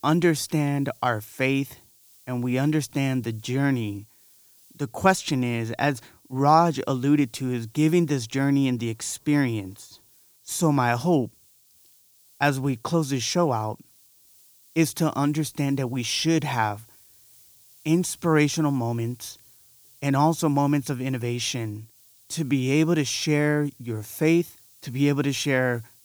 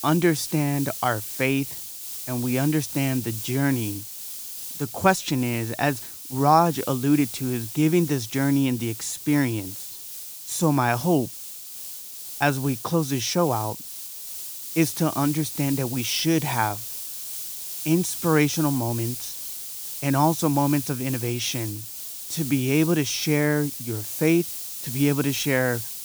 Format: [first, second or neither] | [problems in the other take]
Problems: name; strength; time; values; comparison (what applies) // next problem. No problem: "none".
first | hiss; loud; throughout; 8 dB below the speech; faint in the first